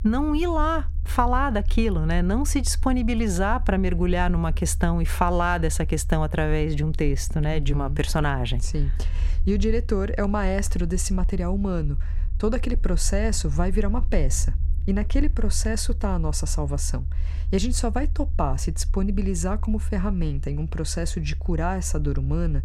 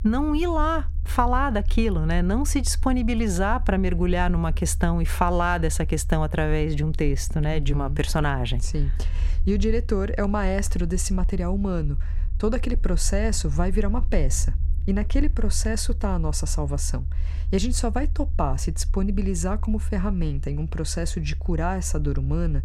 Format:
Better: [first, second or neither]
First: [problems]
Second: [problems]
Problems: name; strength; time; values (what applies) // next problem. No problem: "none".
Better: neither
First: low rumble; faint; throughout; 20 dB below the speech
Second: low rumble; faint; throughout; 20 dB below the speech